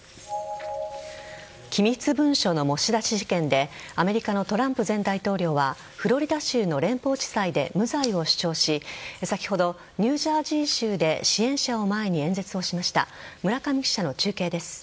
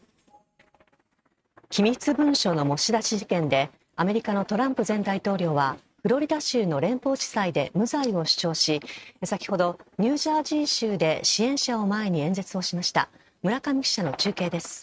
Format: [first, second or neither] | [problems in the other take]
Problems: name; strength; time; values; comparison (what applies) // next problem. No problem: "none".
first | noise reduction (neural mask model RNNoise)